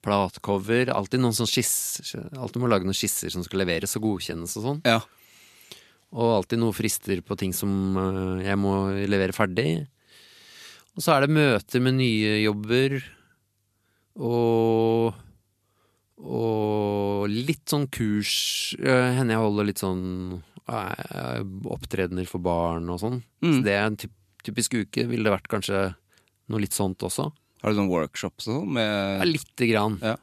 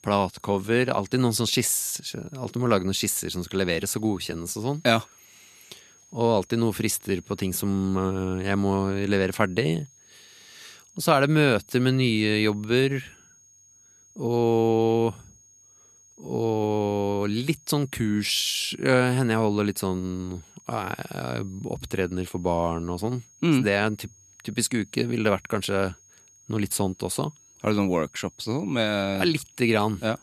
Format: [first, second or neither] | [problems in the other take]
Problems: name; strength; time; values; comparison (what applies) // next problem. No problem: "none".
first | high-pitched whine; faint; throughout; 6.5 kHz, 30 dB below the speech